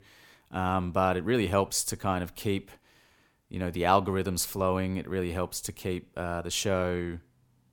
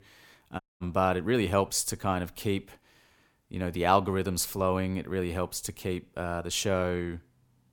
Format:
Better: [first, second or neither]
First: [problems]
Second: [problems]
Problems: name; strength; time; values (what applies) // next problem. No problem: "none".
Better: first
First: none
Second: audio cutting out; at 0.5 s